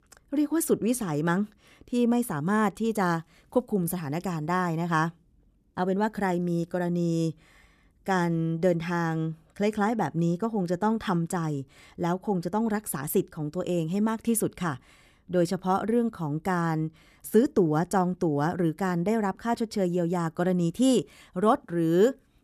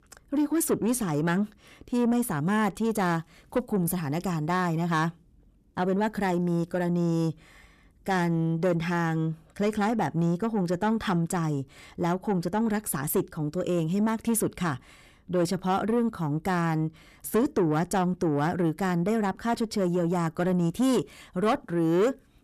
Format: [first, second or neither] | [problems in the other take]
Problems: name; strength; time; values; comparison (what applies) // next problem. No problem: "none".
first | distortion; slight; 10 dB below the speech